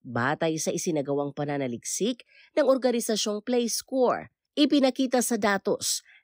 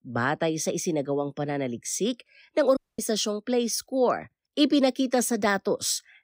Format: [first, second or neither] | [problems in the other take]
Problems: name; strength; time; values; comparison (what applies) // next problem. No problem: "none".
first | audio cutting out; at 3 s